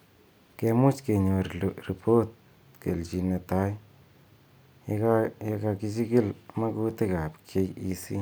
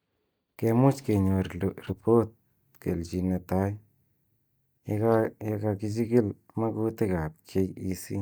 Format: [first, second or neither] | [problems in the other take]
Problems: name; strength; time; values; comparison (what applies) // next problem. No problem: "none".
first | noise reduction (neural mask model DeepFilterNet 3)